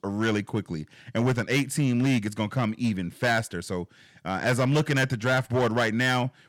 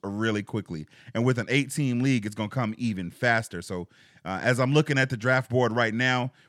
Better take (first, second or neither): second